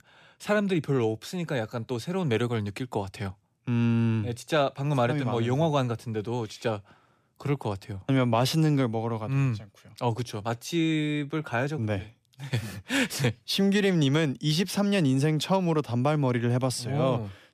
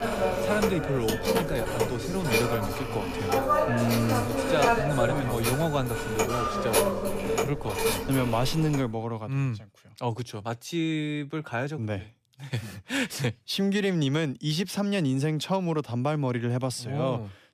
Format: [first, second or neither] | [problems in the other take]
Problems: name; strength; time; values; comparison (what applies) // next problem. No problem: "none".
first | phone ringing; loud; until 9 s; peak 6 dB above the speech